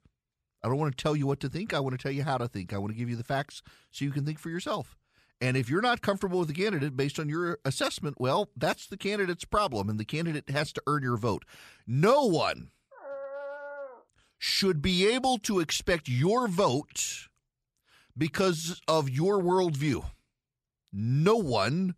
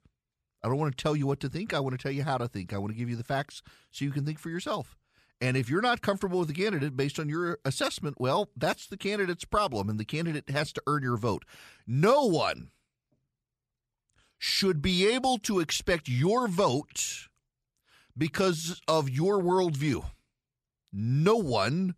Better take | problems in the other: second | dog barking; noticeable; from 13 to 14 s; peak 10 dB below the speech

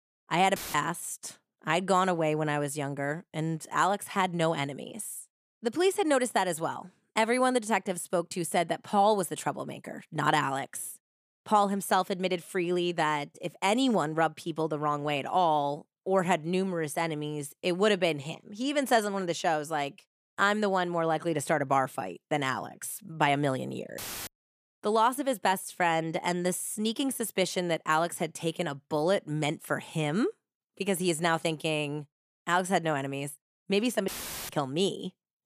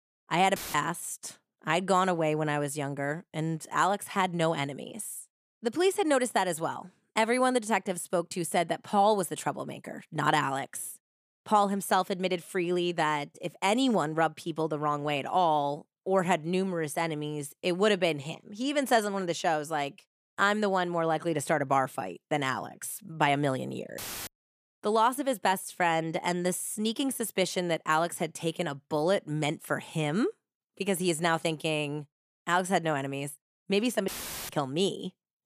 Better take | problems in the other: neither | audio cutting out; filled with static; at 0.5 s, at 24 s and at 34 s; the same in both

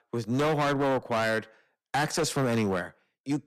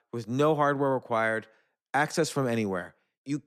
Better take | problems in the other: second | distortion; heavy; 17% of the sound clipped

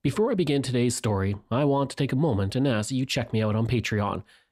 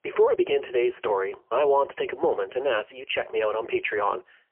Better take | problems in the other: first | phone-call audio; poor line; nothing above 3 kHz

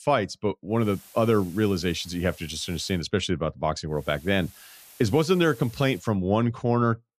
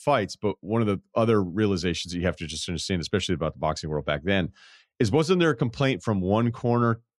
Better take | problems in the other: second | hiss; faint; from 1 to 3 s and from 4 to 6 s; 25 dB below the speech

